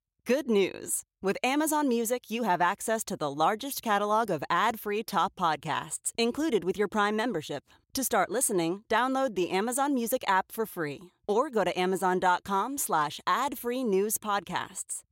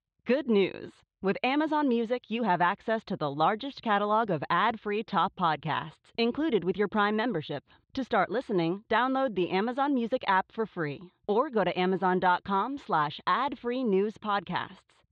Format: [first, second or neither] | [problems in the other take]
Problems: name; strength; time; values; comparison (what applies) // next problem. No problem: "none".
first | muffled; slightly; fading above 4 kHz